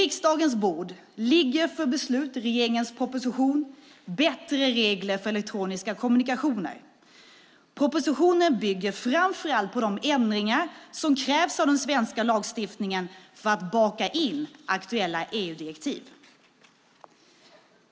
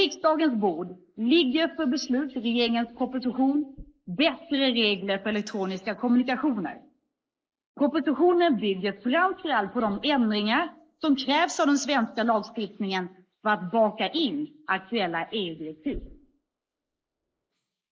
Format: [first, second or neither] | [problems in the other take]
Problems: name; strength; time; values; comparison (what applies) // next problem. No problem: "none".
first | noise reduction (neural mask model Resemble Enhance denoiser)